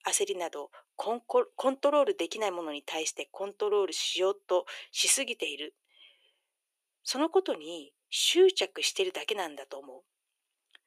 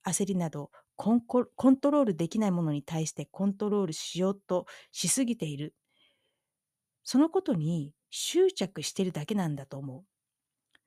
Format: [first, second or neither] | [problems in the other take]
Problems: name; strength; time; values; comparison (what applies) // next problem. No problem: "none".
second | thin; very; fading below 350 Hz